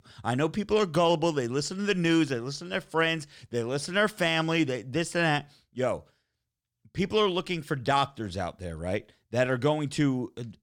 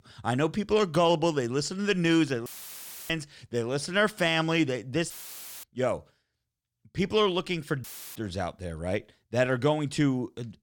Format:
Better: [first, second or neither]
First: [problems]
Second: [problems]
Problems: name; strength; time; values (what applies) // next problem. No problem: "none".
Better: first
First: none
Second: audio cutting out; filled with static; at 2.5 s for 0.5 s, at 5 s for 0.5 s and at 8 s